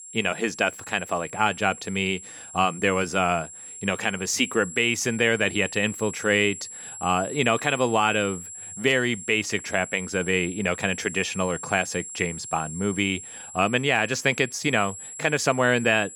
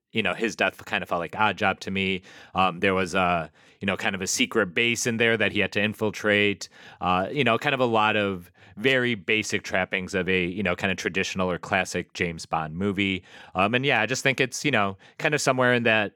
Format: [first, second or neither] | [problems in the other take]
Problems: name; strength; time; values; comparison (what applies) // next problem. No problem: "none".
second | high-pitched whine; noticeable; throughout; 7.5 kHz, 10 dB below the speech